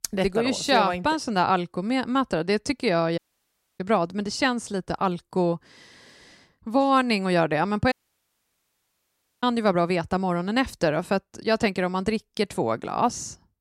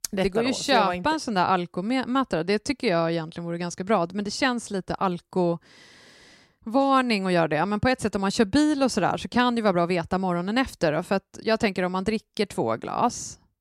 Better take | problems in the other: second | audio cutting out; at 3 s for 0.5 s and at 8 s for 1.5 s

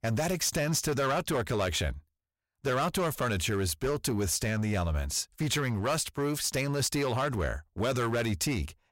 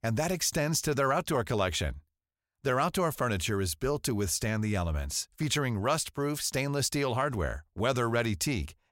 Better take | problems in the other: second | distortion; slight; 11% of the sound clipped

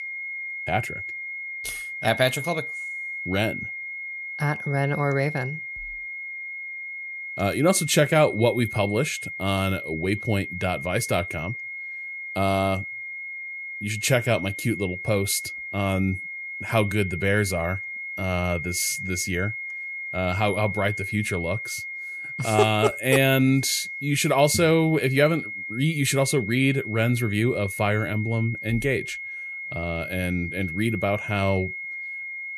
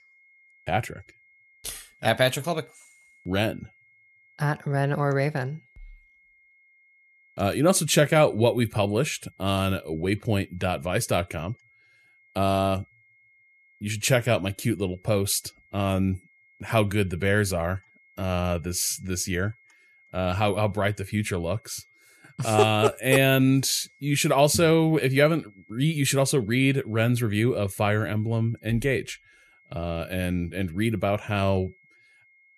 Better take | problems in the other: second | high-pitched whine; loud; throughout; 2 kHz, 7 dB below the speech; faint in the second

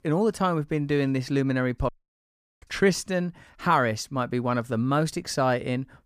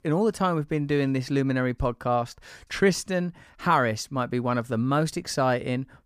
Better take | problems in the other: second | audio cutting out; at 2 s for 0.5 s

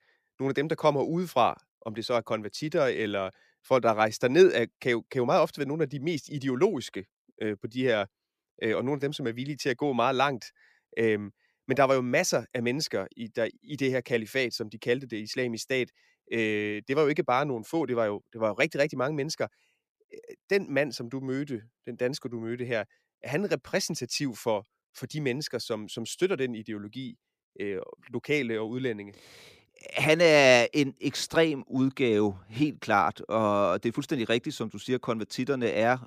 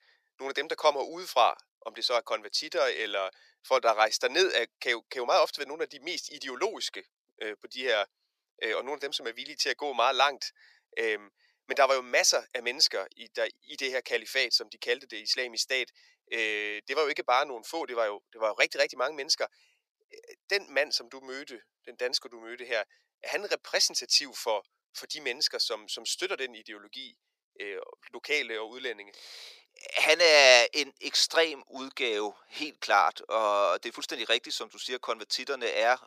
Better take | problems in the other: first | thin; very; fading below 550 Hz

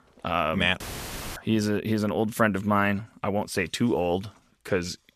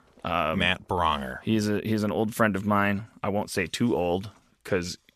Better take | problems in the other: second | audio cutting out; filled with static; at 1 s for 0.5 s

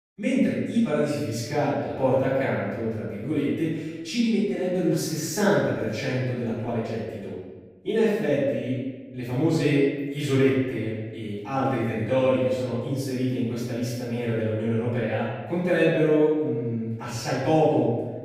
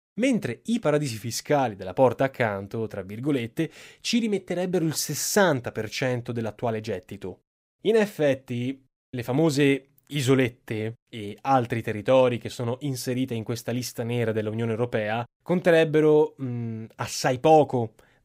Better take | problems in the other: second | room echo; strong; dies away in 1.2 s // off-mic speech; far

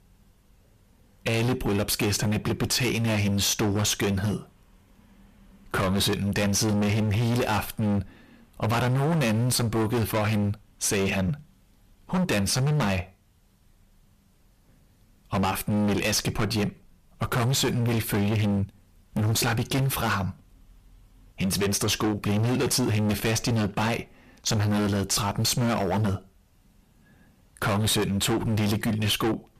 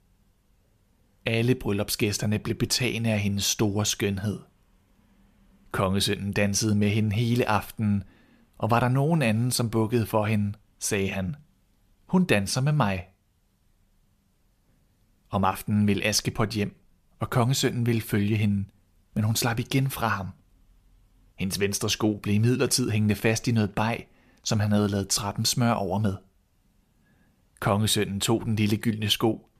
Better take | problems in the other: second | distortion; heavy; 24% of the sound clipped

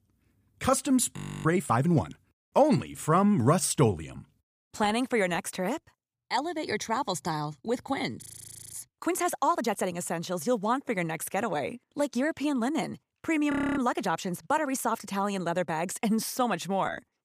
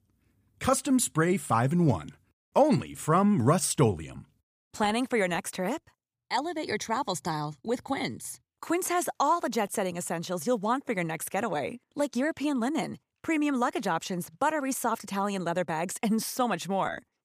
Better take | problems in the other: second | audio freezing; at 1 s, at 8 s for 0.5 s and at 14 s

